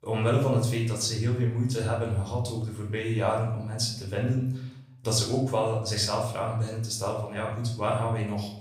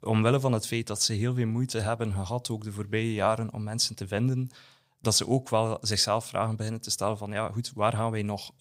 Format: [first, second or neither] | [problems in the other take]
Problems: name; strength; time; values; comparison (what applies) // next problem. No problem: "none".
second | off-mic speech; somewhat distant // room echo; noticeable; dies away in 0.7 s